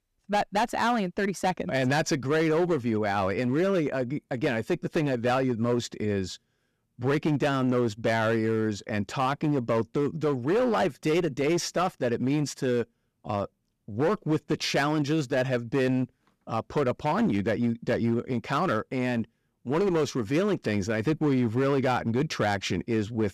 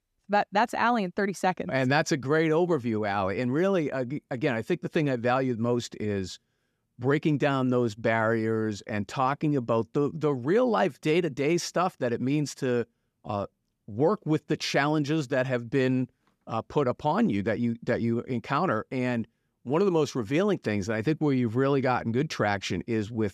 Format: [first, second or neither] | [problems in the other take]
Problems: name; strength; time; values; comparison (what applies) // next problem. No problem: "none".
second | distortion; slight; 10% of the sound clipped